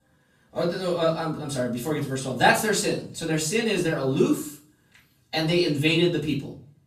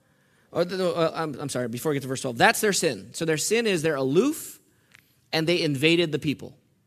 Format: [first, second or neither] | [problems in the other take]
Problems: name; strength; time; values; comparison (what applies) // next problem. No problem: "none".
second | off-mic speech; far // room echo; slight; dies away in 0.4 s